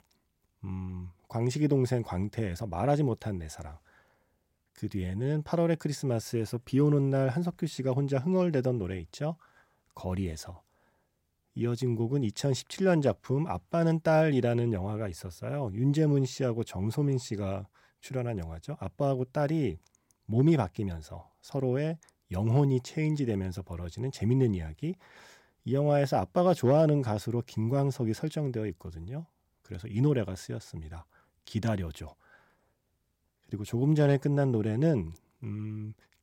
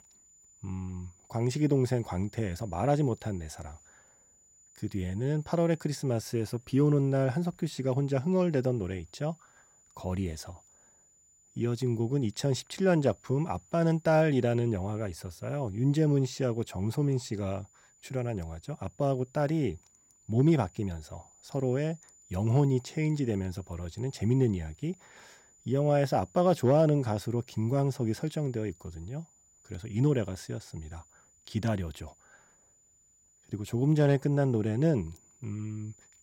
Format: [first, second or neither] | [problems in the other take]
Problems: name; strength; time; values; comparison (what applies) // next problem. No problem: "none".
first | high-pitched whine; faint; throughout; 7 kHz, 30 dB below the speech